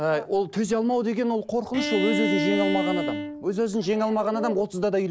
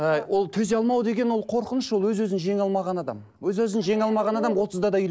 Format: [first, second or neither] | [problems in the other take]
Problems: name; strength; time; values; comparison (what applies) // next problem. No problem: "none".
second | background sound (Bowed string instrument); 3 dB below the speech